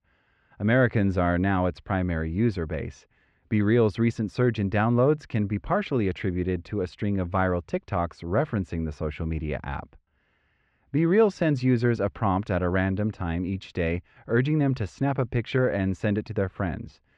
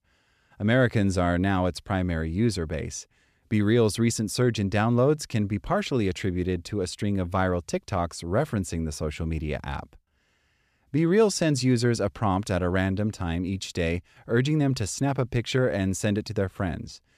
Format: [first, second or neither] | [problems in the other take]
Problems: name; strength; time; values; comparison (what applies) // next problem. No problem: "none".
second | muffled; very; fading above 2 kHz